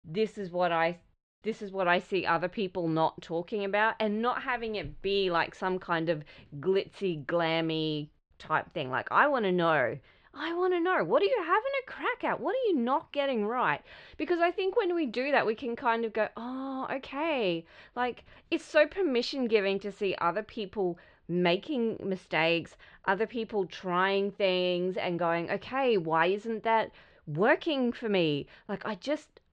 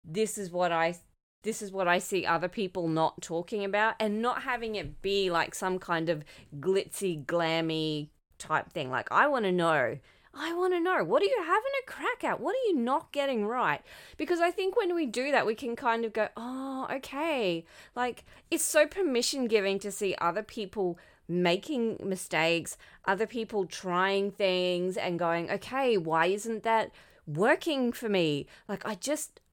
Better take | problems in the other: second | muffled; very slightly; fading above 4 kHz

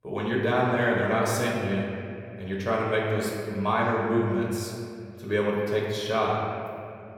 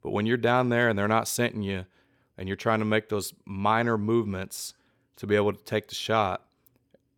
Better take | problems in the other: second | off-mic speech; far // room echo; noticeable; dies away in 2.3 s

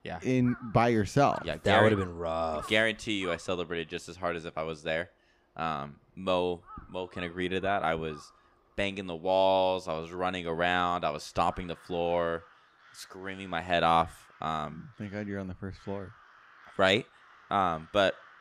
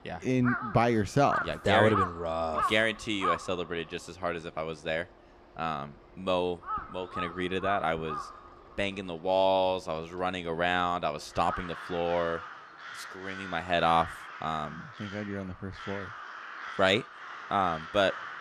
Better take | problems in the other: first | animal sounds; loud; throughout; 8 dB below the speech; faint in the first

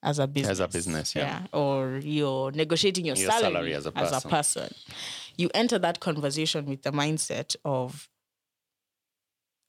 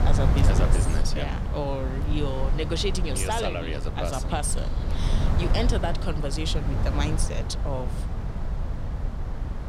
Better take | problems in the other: first | wind noise on the microphone; heavy; 6 dB below the speech

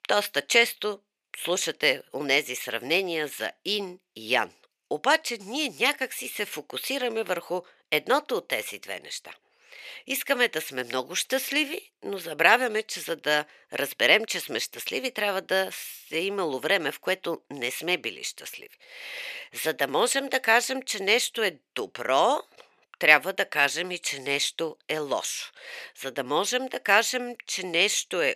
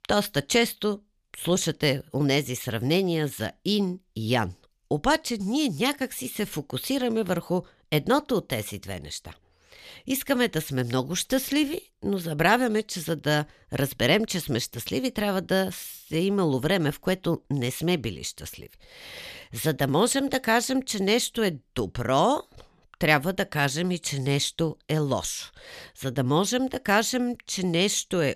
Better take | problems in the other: second | thin; somewhat; fading below 500 Hz

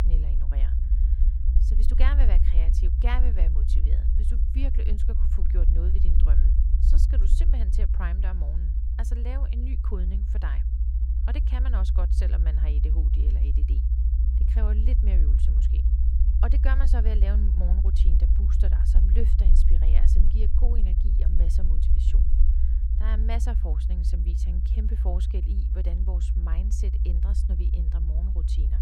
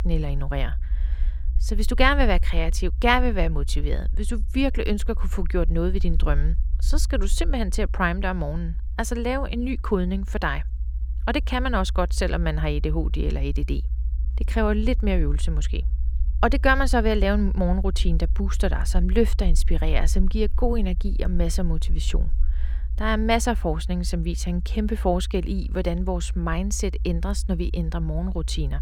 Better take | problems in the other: second | low rumble; loud; throughout; 2 dB below the speech; faint in the second

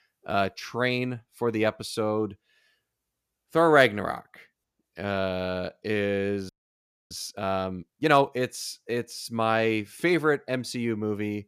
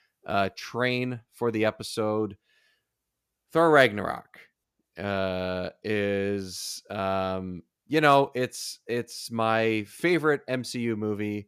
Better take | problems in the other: second | audio freezing; at 6.5 s for 0.5 s

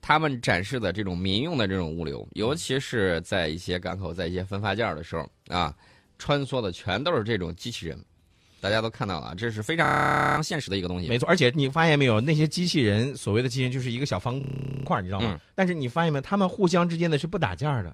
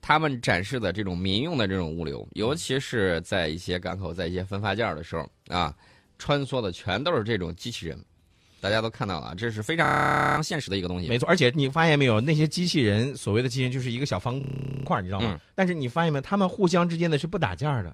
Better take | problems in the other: neither | audio freezing; at 10 s for 0.5 s and at 14 s; the same in both

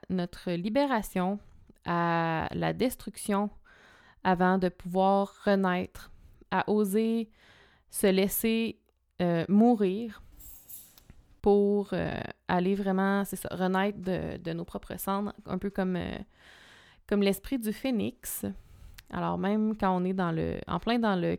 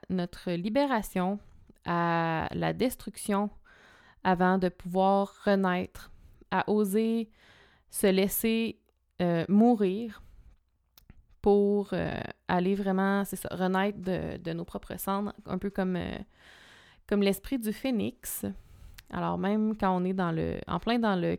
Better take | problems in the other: second | jangling keys; faint; at 10 s; peak 15 dB below the speech

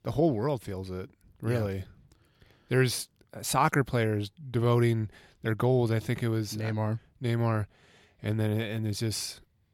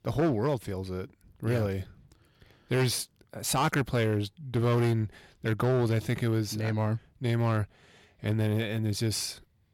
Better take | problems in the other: first | distortion; slight; 6% of the sound clipped

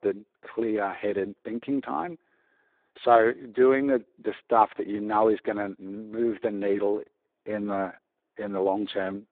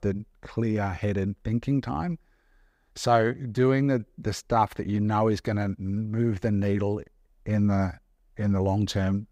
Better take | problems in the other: second | phone-call audio; poor line; nothing above 3.5 kHz

